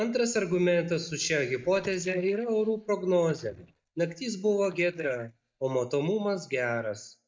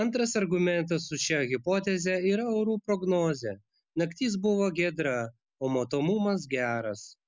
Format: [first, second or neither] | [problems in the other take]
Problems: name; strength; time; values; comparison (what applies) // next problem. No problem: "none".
second | noise reduction (neural mask model DeepFilterNet 3)